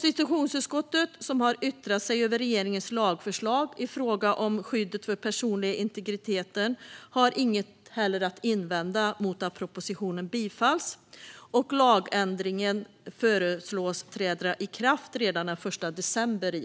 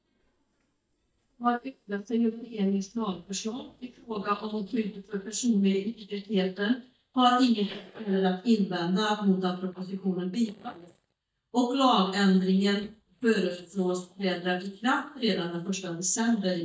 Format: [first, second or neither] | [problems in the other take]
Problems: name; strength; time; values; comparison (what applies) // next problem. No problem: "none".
first | noise reduction (neural mask model DeepFilterNet 3)